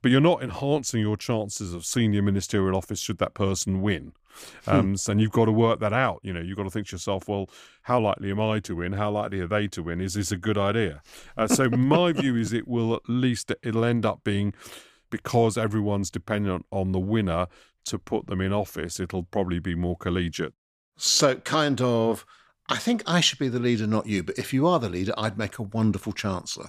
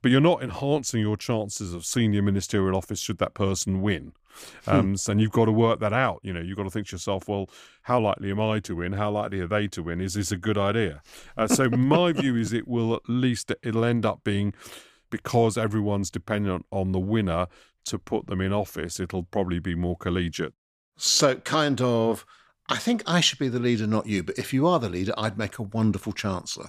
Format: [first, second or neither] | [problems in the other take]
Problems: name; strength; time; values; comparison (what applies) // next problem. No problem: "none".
neither | none